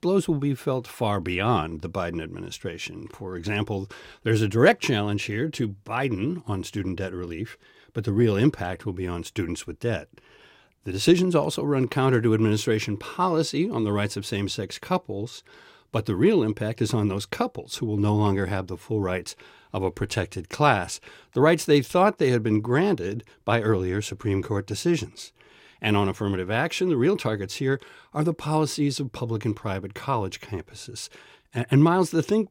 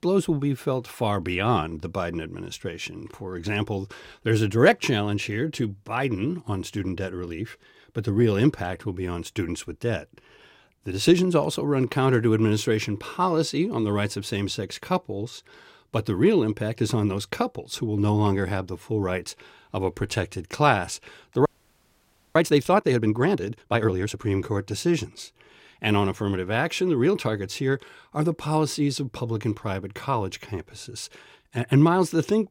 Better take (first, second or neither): first